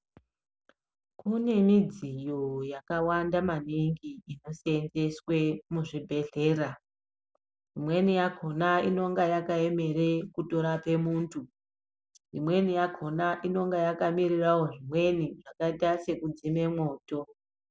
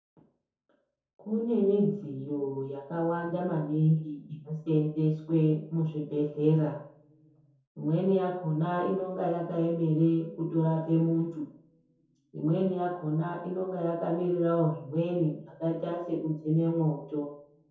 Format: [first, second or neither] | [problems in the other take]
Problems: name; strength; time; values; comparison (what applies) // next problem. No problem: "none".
first | room echo; dies away in 0.6 s